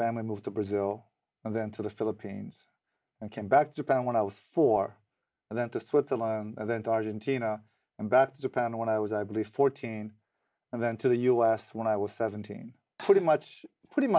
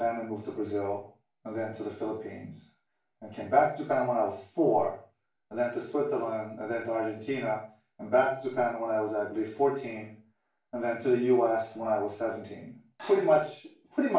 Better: first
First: none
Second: room echo; dies away in 0.3 s

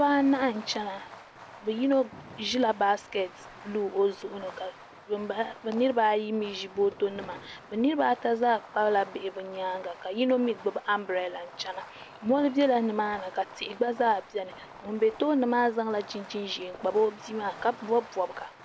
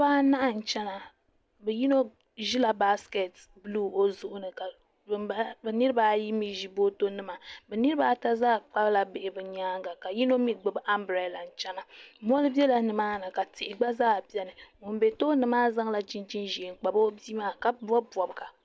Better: second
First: background sound (Fireworks); 18 dB below the speech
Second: none

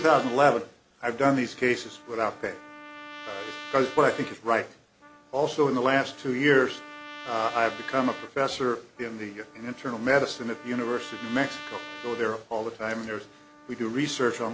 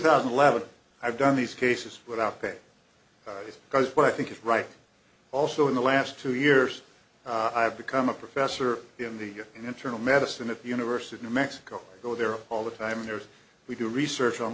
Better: second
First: background sound (Trumpet); 17 dB below the speech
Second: none

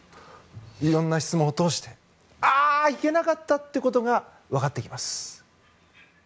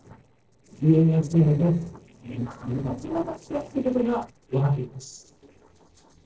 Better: first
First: none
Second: noise reduction (neural separator model SepFormer DNS4)

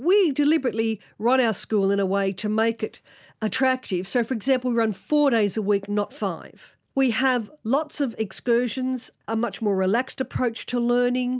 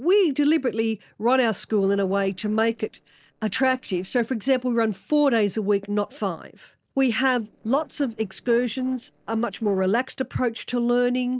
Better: first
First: none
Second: noise reduction (neural separator model SepFormer DNS4)

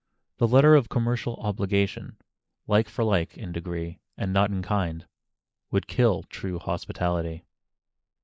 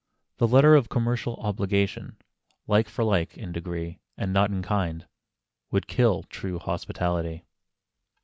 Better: second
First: noise reduction (neural mask model Resemble Enhance denoiser)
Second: none

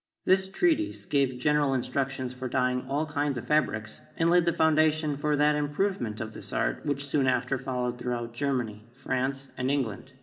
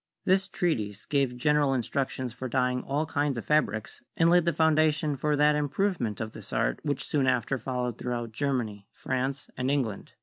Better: second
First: room echo; dies away in 2.6 s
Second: none

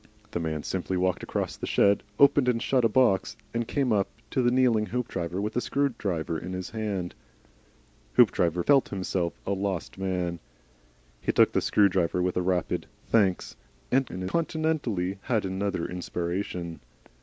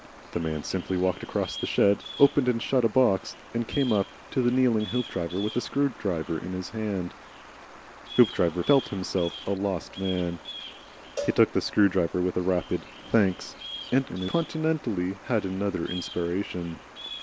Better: first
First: none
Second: background sound (Bird vocalization, bird call, bird song + Cowbell); 15 dB below the speech

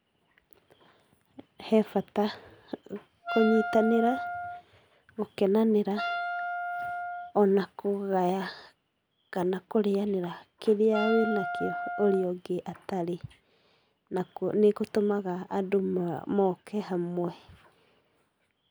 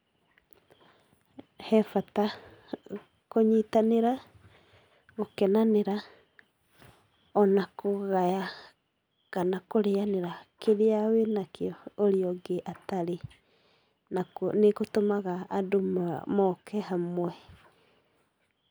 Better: second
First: background sound (Wind instrument, woodwind instrument); 5 dB below the speech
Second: none

